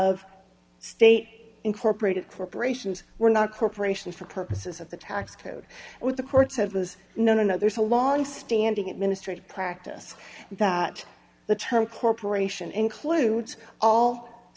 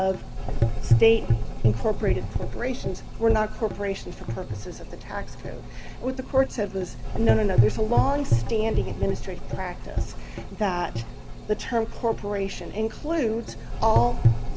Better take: first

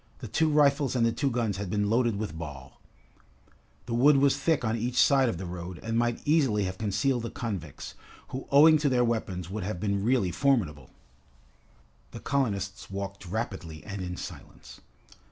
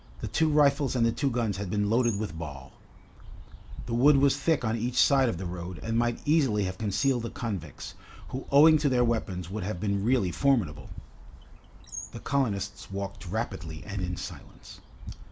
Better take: first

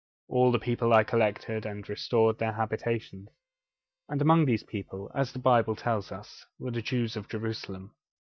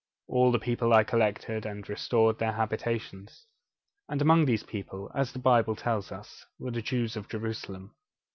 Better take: second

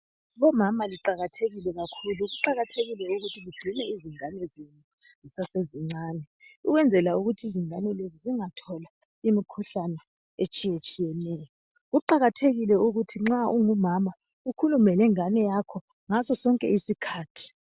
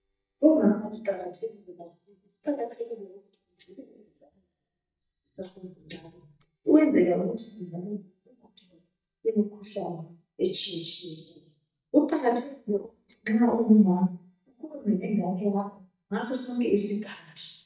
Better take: first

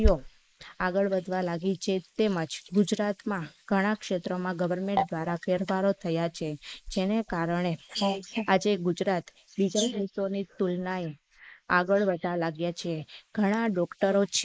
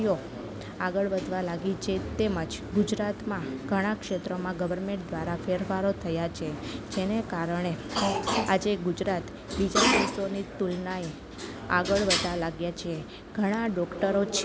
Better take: second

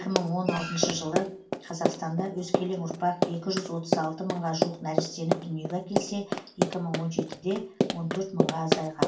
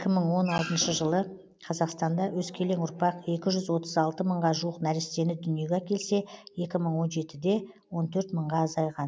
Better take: second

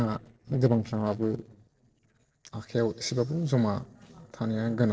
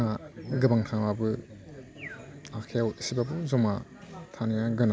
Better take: second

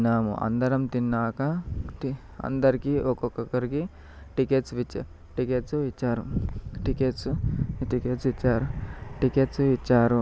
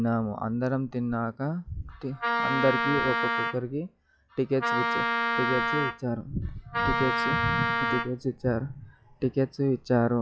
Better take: first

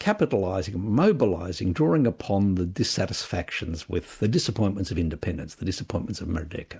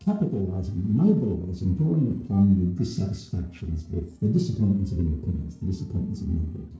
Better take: first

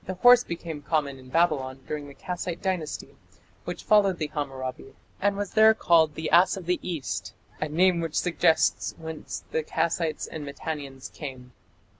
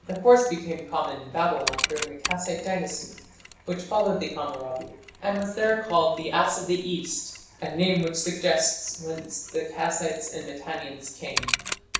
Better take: first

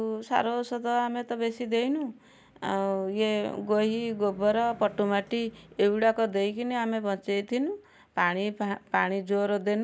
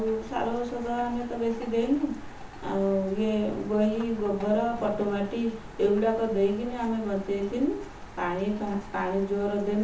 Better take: first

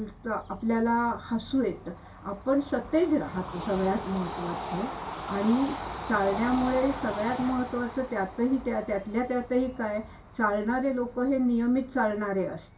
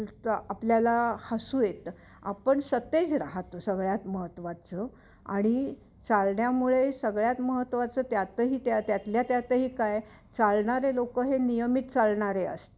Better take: second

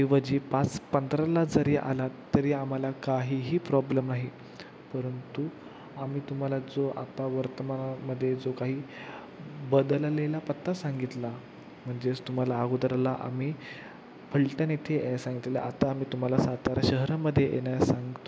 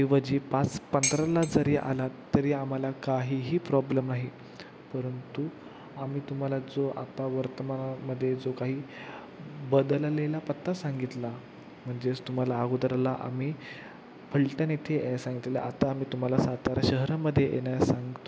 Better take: first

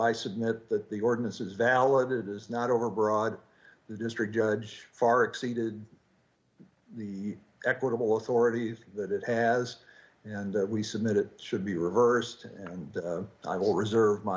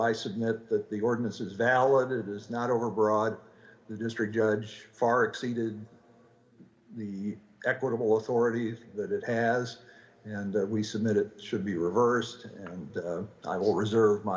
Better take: first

